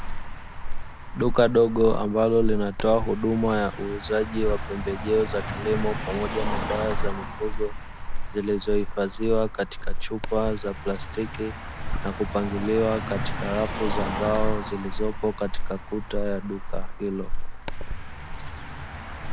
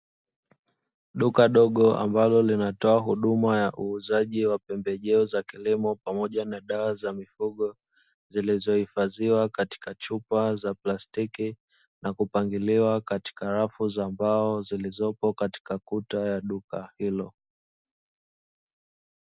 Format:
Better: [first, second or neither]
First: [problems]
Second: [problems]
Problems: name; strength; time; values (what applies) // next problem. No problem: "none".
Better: second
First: background sound (Car passing by); 1 dB below the speech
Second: none